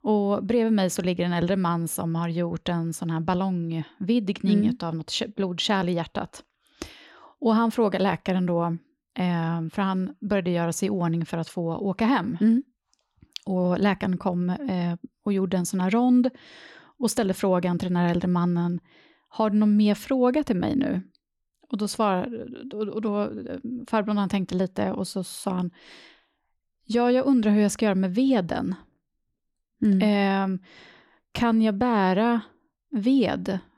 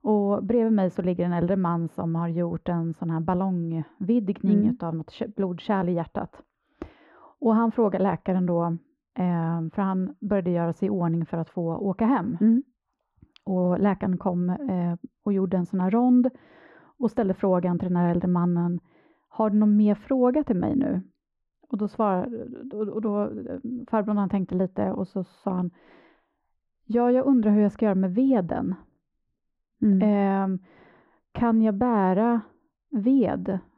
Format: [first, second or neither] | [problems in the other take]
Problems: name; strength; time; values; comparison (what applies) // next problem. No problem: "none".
first | muffled; very; fading above 3 kHz